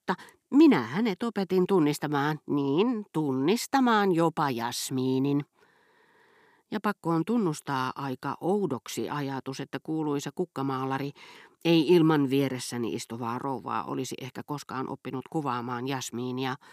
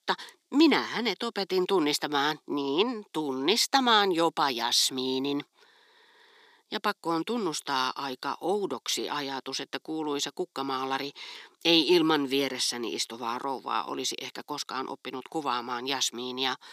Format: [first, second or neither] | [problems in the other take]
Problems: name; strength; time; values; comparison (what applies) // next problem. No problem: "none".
first | thin; very slightly; fading below 350 Hz